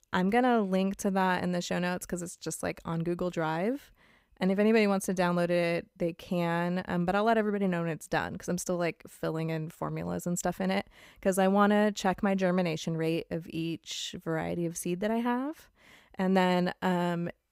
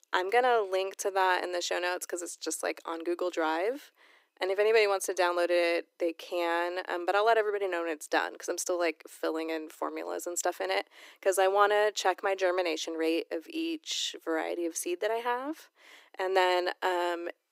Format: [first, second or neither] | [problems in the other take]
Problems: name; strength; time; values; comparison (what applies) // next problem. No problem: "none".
first | thin; very; fading below 300 Hz